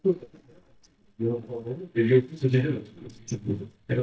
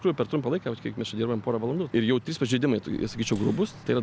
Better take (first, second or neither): second